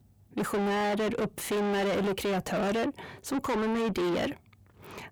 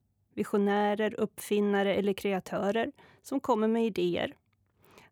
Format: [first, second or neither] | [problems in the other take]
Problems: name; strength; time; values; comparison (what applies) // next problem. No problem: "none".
second | distortion; heavy; 5 dB below the speech